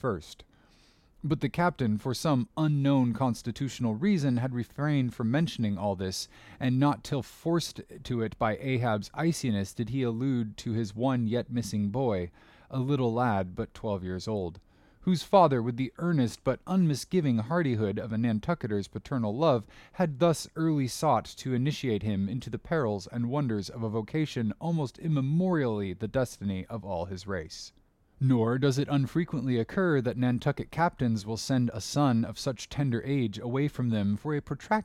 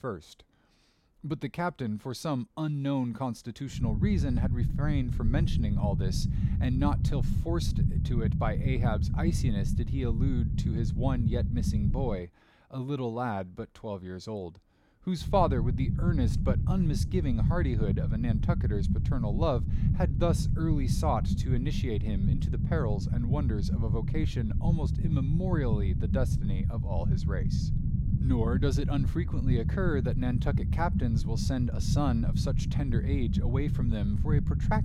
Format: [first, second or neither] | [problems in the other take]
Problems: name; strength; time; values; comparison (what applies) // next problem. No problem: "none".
first | low rumble; loud; from 4 to 12 s and from 15 s on; 6 dB below the speech